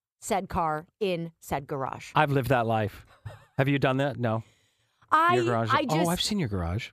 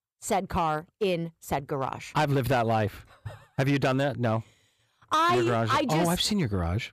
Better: first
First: none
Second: distortion; slight; 7% of the sound clipped

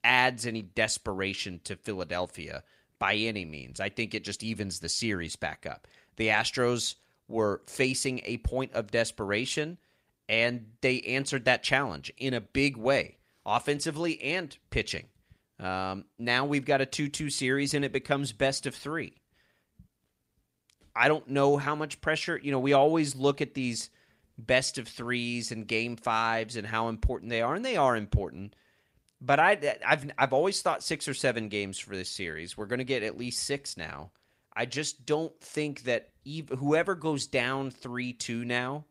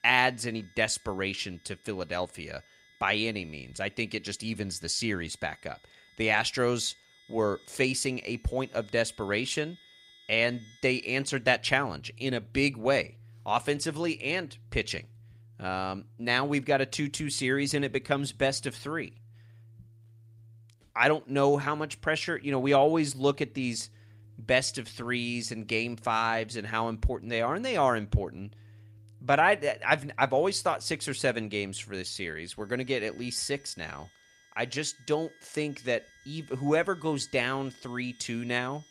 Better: first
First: none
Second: background music; faint; throughout; 25 dB below the speech

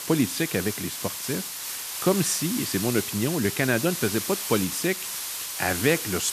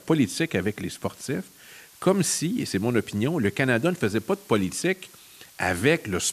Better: second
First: hiss; loud; throughout; 4 dB below the speech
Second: hiss; faint; throughout; 25 dB below the speech

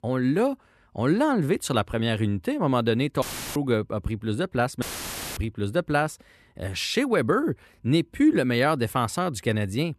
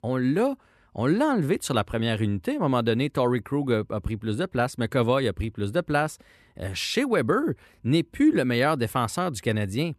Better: second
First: audio cutting out; filled with static; at 3 s and at 5 s for 0.5 s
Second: none

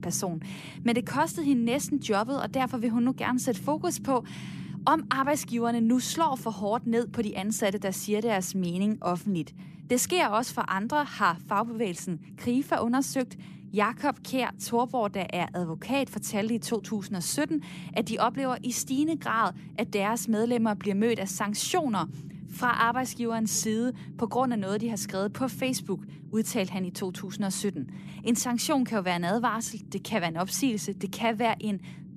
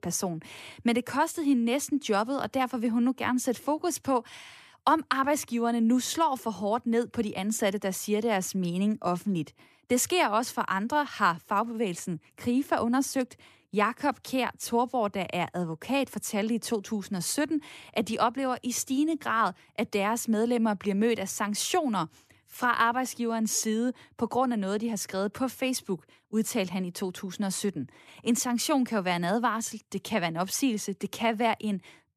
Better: second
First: low rumble; faint; throughout; 20 dB below the speech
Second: none

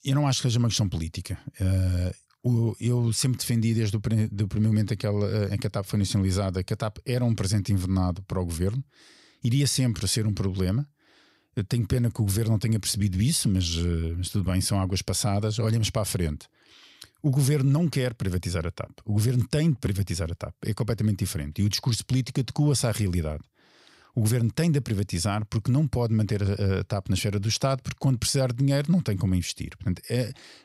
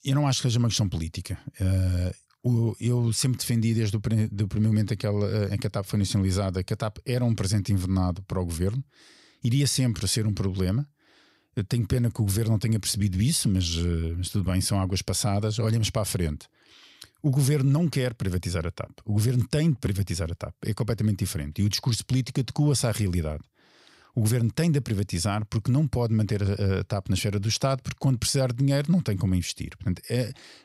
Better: neither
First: none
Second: none

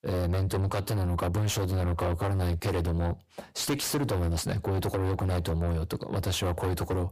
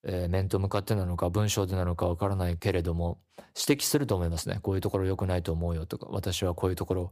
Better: second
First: distortion; heavy; 6 dB below the speech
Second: none

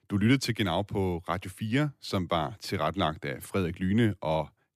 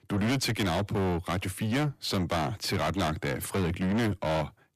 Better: first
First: none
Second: distortion; heavy; 6 dB below the speech

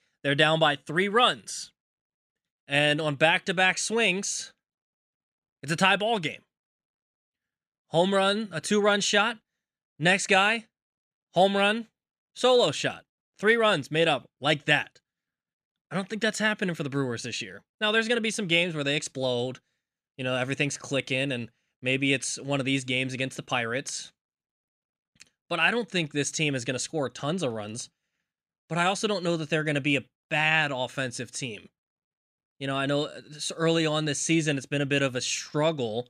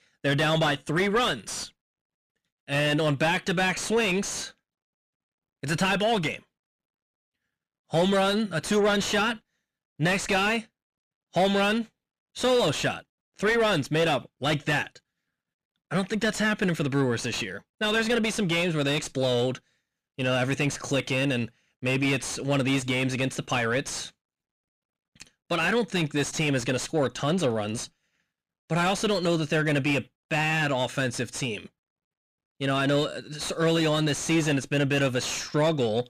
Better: first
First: none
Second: distortion; heavy; 6 dB below the speech

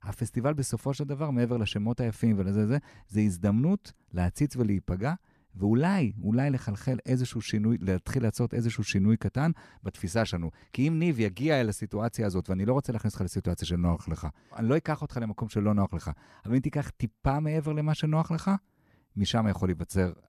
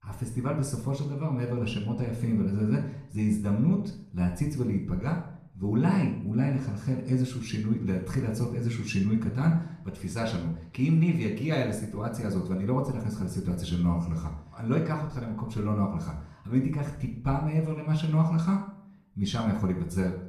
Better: first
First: none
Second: off-mic speech; far // room echo; noticeable; dies away in 0.5 s

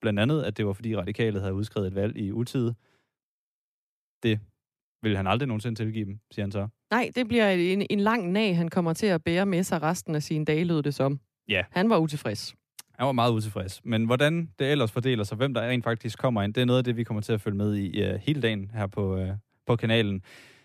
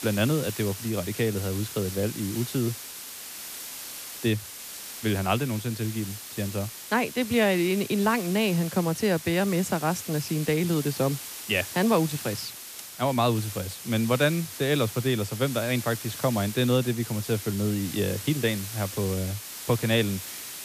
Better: first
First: none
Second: hiss; loud; throughout; 9 dB below the speech

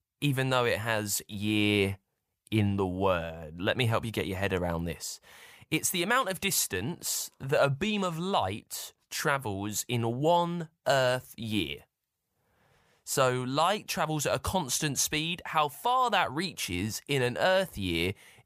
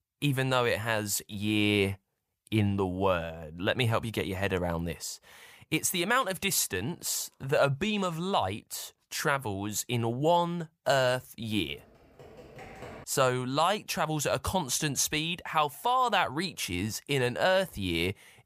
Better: first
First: none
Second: keyboard typing; faint; from 12 to 13 s; peak 15 dB below the speech

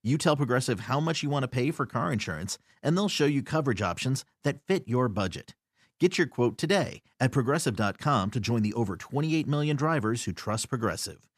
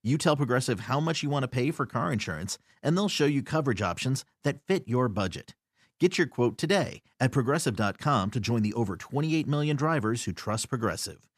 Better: neither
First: none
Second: none

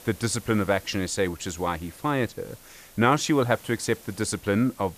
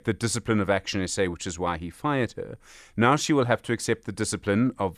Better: second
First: hiss; faint; throughout; 20 dB below the speech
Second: none

